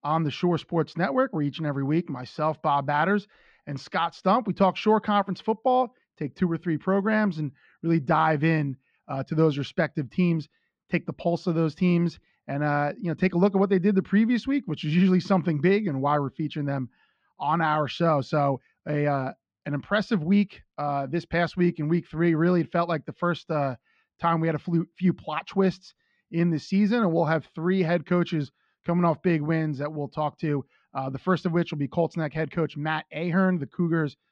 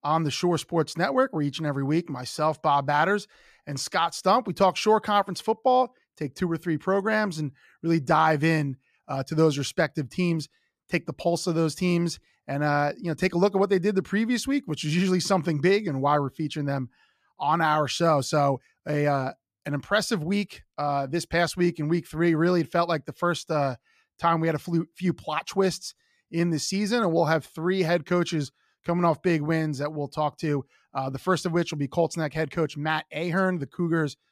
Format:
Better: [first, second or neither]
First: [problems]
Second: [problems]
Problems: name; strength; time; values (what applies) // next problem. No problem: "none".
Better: second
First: muffled; slightly; fading above 3.5 kHz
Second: none